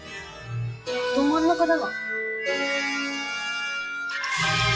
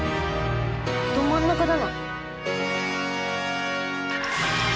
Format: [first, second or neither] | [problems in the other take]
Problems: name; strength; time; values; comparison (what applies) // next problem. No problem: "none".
second | noise reduction (classical method log-MMSE)